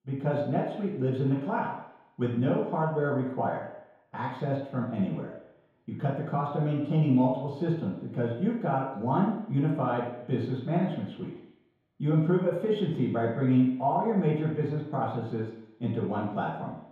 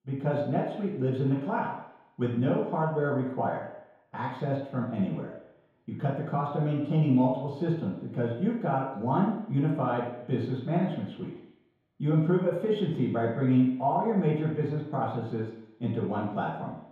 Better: neither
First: room echo; noticeable; dies away in 0.9 s // off-mic speech; far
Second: room echo; noticeable; dies away in 0.9 s // off-mic speech; far

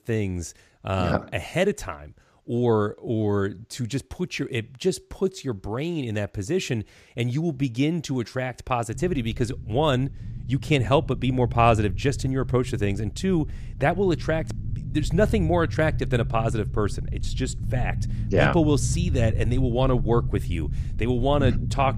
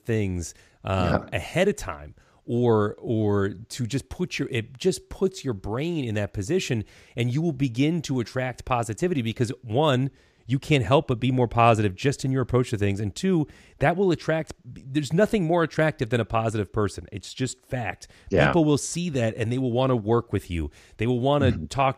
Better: second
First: low rumble; noticeable; from 9 s on; 15 dB below the speech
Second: none

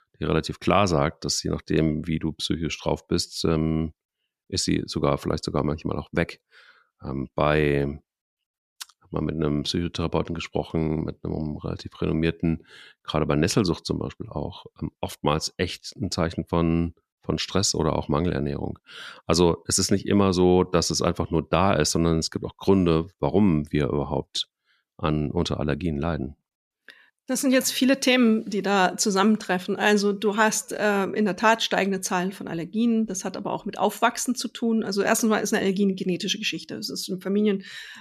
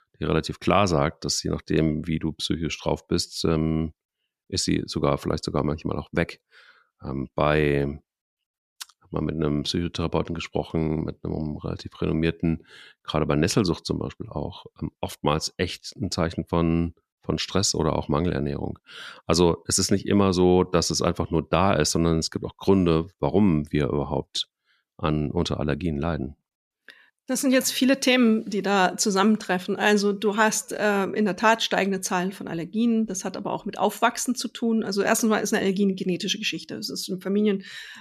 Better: neither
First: none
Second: none

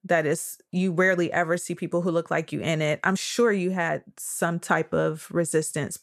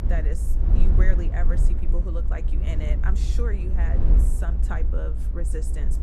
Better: first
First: none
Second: low rumble; loud; throughout; 4 dB below the speech

